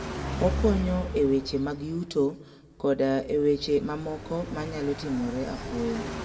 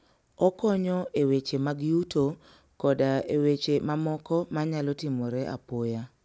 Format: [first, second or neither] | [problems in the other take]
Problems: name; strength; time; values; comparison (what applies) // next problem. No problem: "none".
second | background sound (Car passing by); 8 dB below the speech // room echo; dies away in 1.2 s